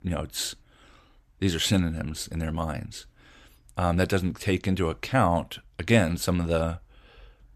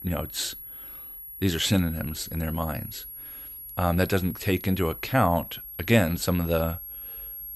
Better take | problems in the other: first | high-pitched whine; noticeable; throughout; 11.5 kHz, 10 dB below the speech

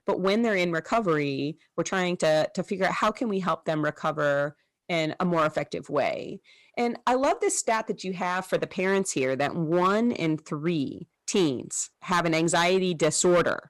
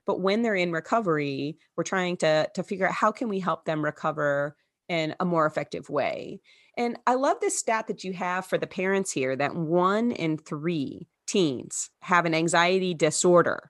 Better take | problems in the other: second | distortion; slight; 4% of the sound clipped

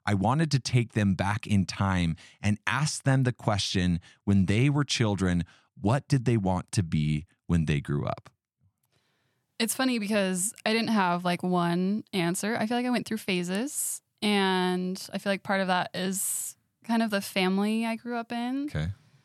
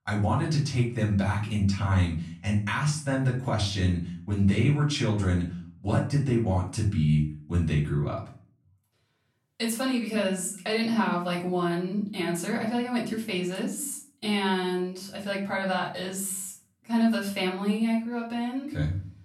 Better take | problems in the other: first | room echo; slight; dies away in 0.4 s // off-mic speech; far

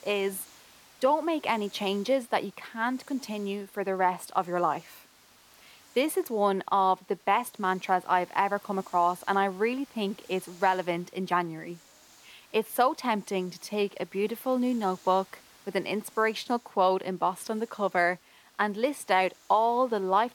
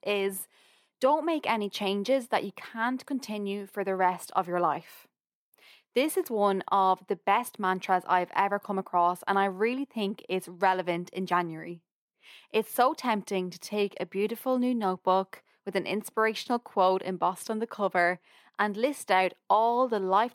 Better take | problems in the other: second | hiss; faint; throughout; 25 dB below the speech

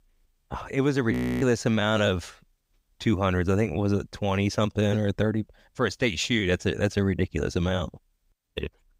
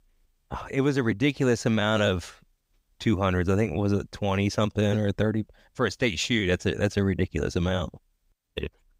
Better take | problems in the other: second | audio freezing; at 1 s

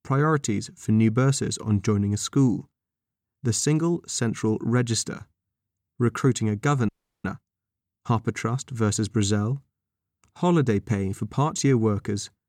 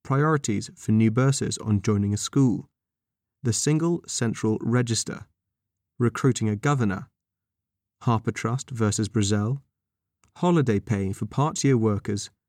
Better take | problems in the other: second | audio freezing; at 7 s

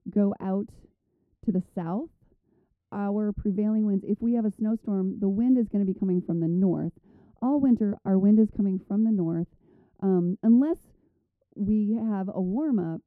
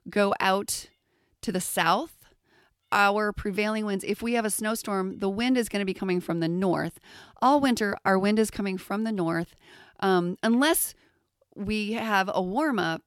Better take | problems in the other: second | muffled; very; fading above 1 kHz

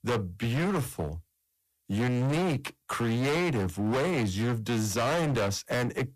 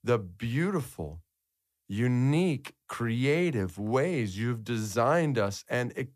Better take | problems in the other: second | distortion; heavy; 30% of the sound clipped

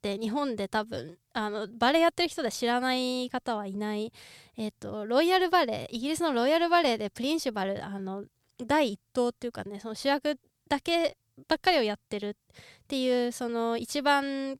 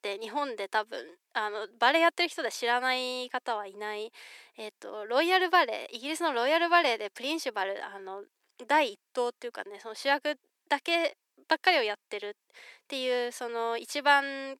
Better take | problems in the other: first | thin; somewhat; fading below 300 Hz

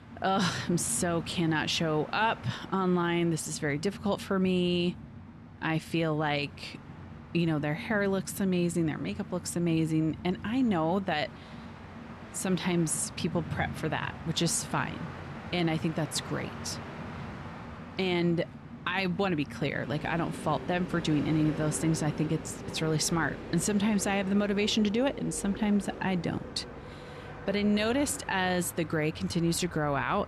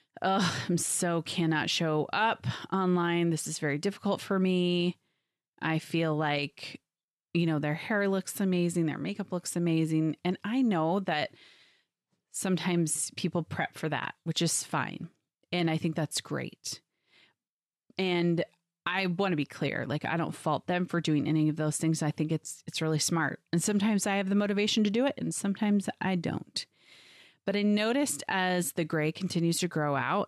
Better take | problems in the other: second | train or aircraft noise; noticeable; throughout; 15 dB below the speech

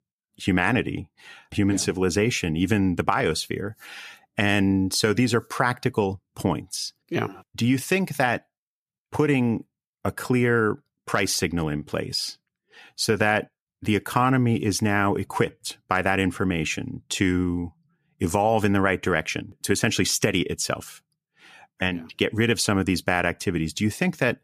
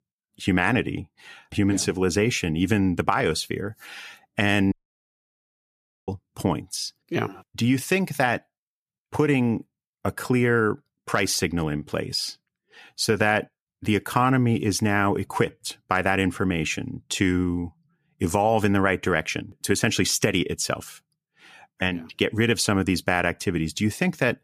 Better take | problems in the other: first | audio cutting out; at 4.5 s for 1.5 s

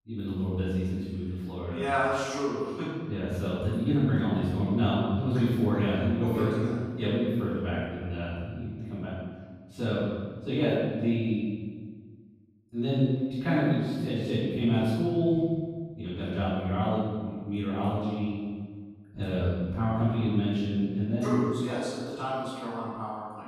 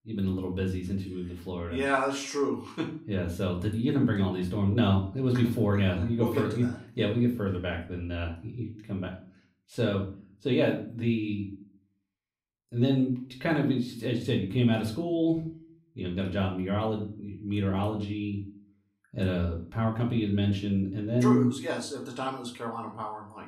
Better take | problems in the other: second | room echo; strong; dies away in 1.5 s; slight in the second // off-mic speech; far; far in the second

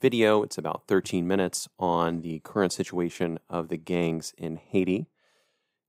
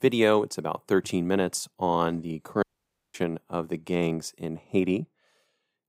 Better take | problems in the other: first | audio cutting out; at 2.5 s for 0.5 s

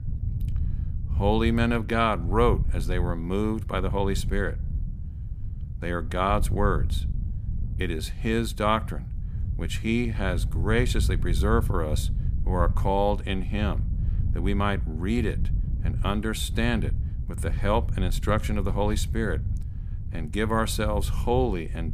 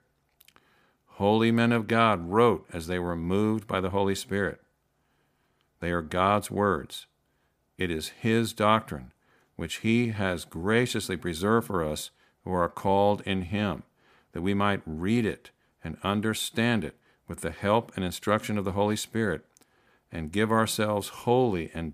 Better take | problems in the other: second | wind noise on the microphone; occasional gusts; 15 dB below the speech

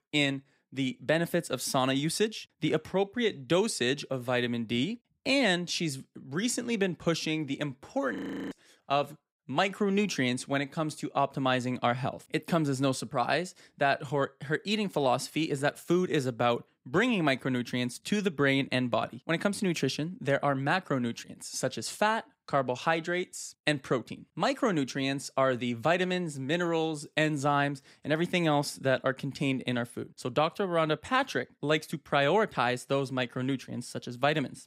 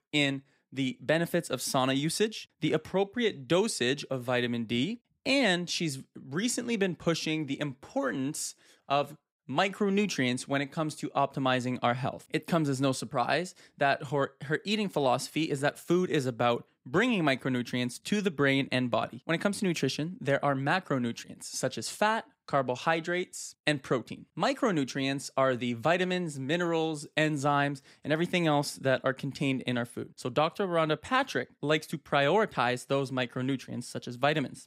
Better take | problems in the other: second | audio freezing; at 8 s

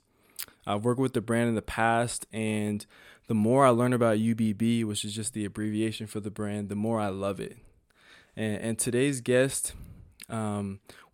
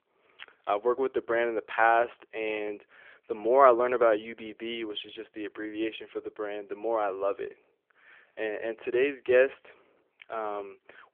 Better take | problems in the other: first | phone-call audio; nothing above 3.5 kHz

